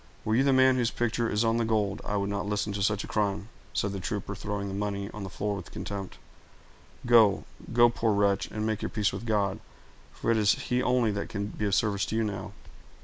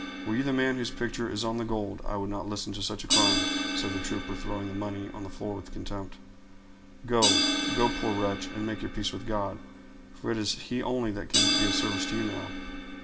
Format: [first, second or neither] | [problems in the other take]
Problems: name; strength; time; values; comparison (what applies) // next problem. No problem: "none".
first | background sound (Crash cymbal); 1 dB below the speech // room echo; dies away in 1 s